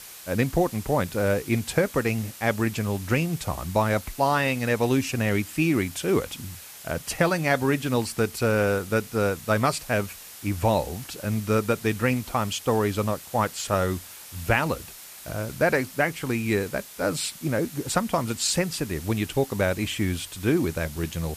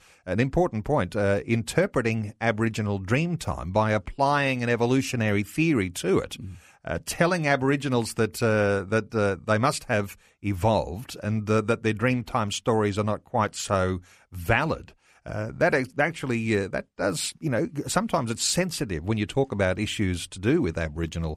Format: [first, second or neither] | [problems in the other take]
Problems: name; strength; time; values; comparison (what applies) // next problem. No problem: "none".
second | hiss; noticeable; throughout; 15 dB below the speech